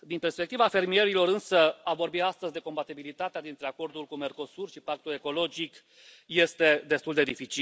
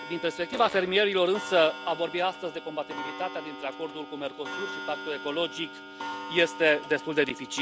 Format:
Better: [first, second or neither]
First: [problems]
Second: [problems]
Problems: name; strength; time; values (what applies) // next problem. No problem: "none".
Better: first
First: none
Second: background sound (Fart + Clock); 11 dB below the speech